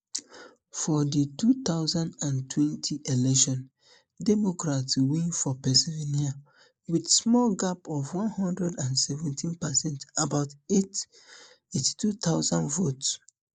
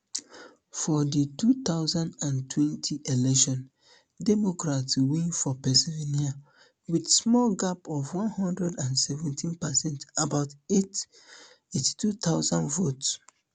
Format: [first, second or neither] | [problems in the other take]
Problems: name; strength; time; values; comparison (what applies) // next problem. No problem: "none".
second | noise reduction (neural mask model Resemble Enhance denoiser)